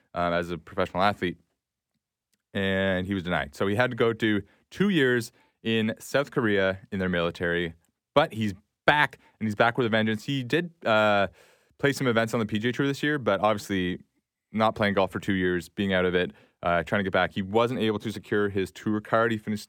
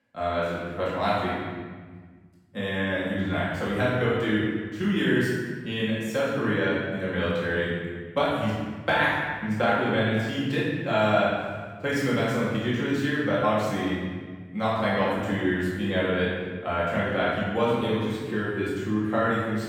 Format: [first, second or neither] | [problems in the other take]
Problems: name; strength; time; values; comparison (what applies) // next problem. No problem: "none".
first | room echo; strong; dies away in 1.5 s // off-mic speech; far